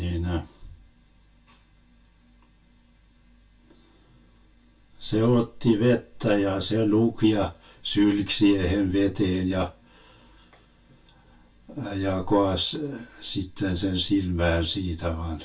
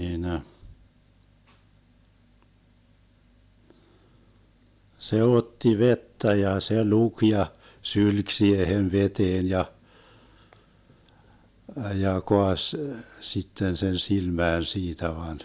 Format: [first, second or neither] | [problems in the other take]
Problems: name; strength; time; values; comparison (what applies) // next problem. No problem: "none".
second | room echo; dies away in 0.2 s